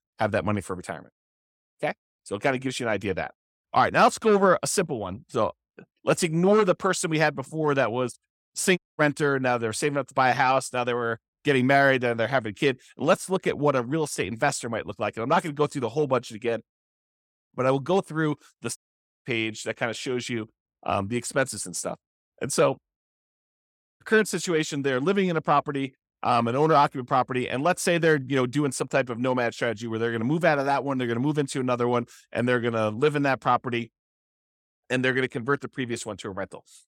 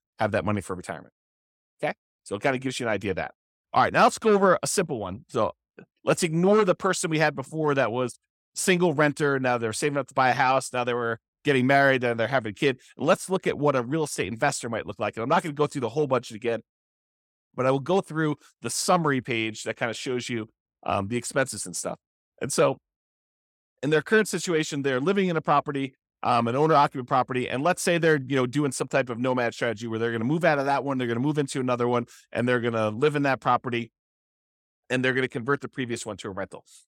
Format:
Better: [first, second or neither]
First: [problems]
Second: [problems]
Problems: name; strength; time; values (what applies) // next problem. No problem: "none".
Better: second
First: audio cutting out; at 9 s, at 19 s and at 24 s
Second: none